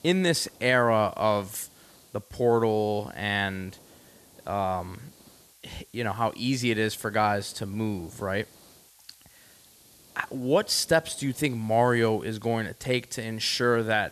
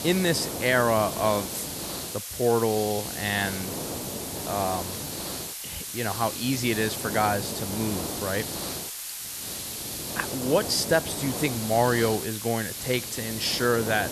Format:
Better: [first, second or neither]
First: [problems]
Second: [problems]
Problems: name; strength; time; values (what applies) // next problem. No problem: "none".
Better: first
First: hiss; faint; throughout; 25 dB below the speech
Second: hiss; loud; throughout; 5 dB below the speech